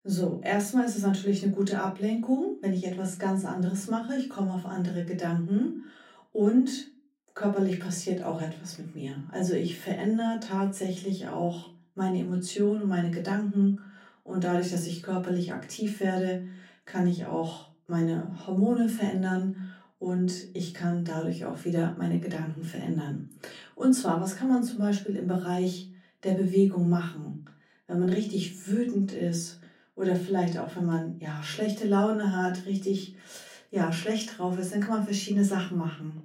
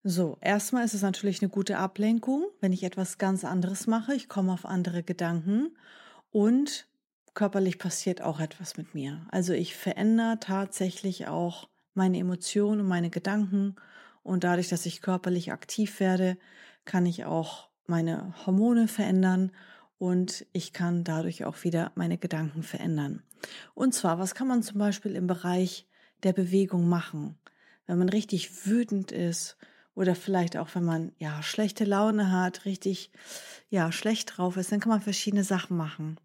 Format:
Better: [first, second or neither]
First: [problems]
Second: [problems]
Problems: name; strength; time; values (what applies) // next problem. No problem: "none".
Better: second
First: off-mic speech; far // room echo; very slight; dies away in 0.3 s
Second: none